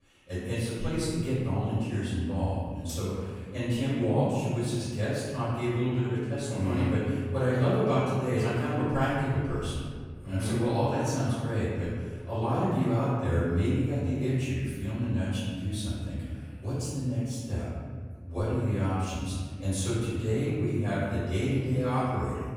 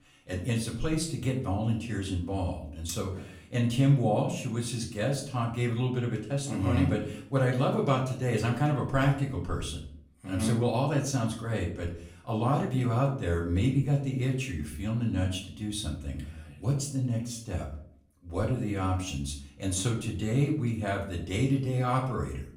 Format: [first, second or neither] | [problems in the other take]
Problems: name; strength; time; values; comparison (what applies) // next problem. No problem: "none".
second | room echo; strong; dies away in 1.8 s; slight in the second // off-mic speech; far; far in the second